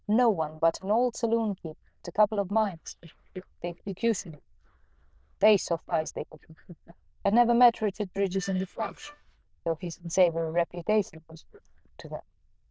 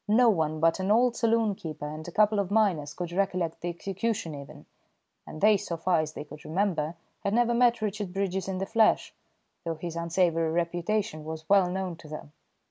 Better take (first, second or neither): second